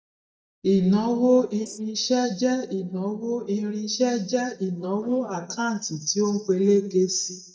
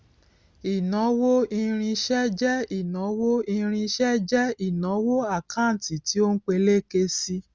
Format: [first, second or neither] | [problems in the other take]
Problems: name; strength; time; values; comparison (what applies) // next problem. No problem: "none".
second | noise reduction (neural mask model DeepFilterNet 3)